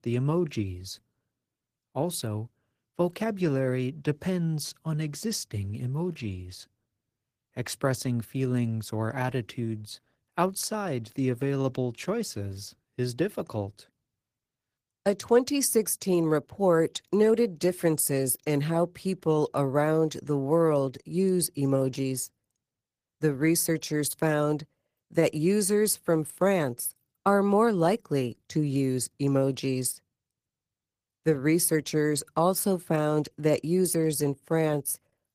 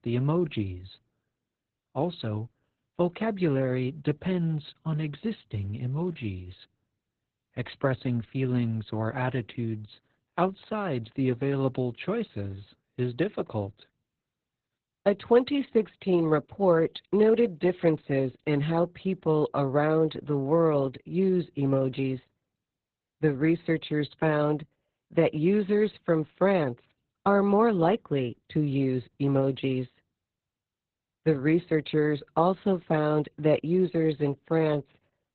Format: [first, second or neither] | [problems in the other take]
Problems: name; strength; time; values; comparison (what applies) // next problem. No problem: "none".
first | garbled, watery; badly; nothing above 4 kHz; slightly in the first